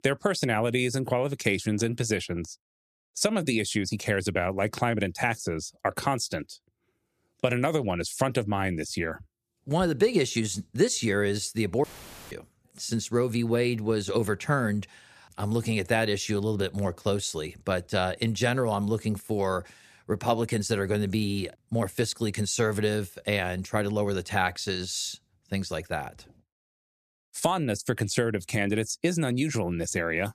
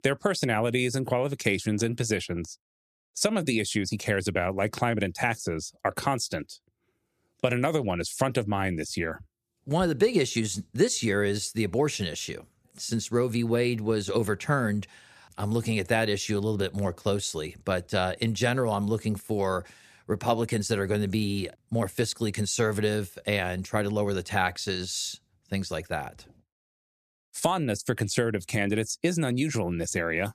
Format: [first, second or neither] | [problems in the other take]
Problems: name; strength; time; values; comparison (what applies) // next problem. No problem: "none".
second | audio cutting out; filled with static; at 12 s